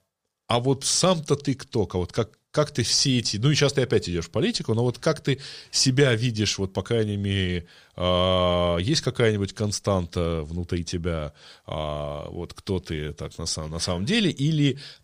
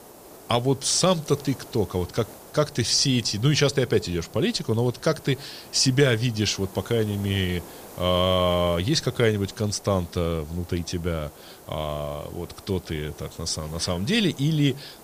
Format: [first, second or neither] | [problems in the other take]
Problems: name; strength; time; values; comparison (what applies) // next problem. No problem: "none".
first | hiss; faint; throughout; 20 dB below the speech